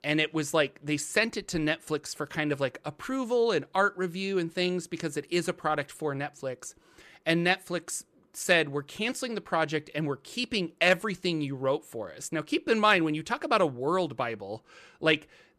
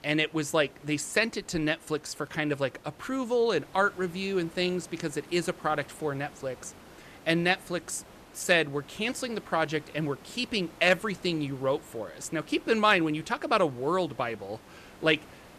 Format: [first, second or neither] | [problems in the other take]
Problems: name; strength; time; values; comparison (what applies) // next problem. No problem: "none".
first | hiss; faint; throughout; 20 dB below the speech